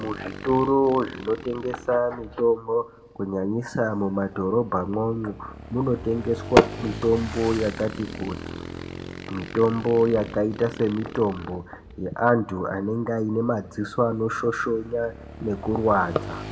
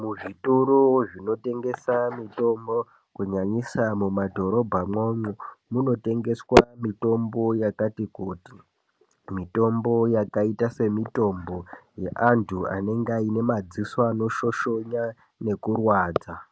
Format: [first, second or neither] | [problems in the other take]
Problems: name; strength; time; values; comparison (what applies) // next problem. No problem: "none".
second | background sound (Motorcycle / Engine); 14 dB below the speech // room echo; dies away in 0.7 s